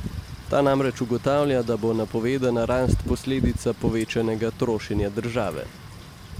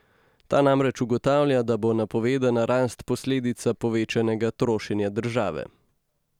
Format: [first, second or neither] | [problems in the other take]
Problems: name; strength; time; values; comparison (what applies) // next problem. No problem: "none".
second | background sound (Wind / Rain); 7 dB below the speech